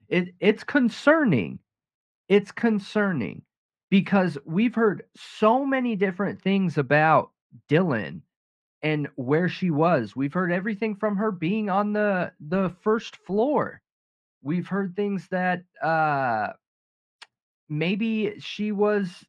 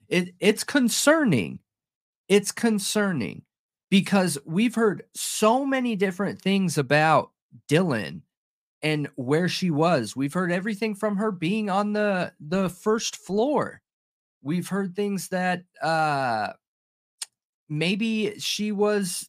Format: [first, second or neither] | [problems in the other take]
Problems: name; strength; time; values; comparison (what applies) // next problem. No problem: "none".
second | muffled; very; fading above 2 kHz